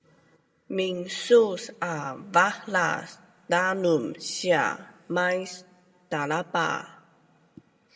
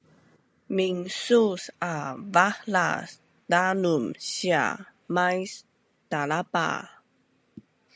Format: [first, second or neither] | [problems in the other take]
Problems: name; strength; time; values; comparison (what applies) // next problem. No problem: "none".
second | room echo; dies away in 0.4 s